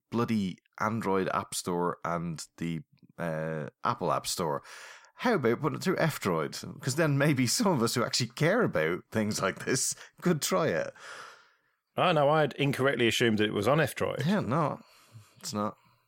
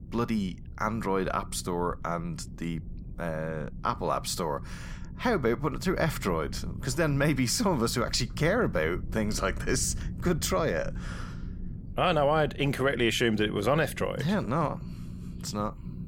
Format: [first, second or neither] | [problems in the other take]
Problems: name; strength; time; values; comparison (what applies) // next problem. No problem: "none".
first | low rumble; faint; throughout; 20 dB below the speech